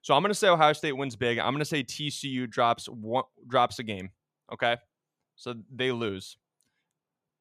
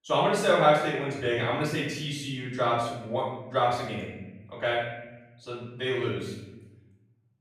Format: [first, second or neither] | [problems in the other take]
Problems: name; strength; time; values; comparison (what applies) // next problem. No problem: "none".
first | off-mic speech; far // room echo; noticeable; dies away in 1.1 s